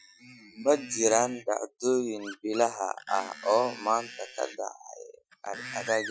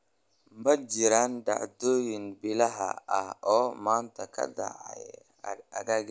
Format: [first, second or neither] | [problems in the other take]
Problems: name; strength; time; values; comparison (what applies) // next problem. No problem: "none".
second | noise reduction (classical method Wiener filter)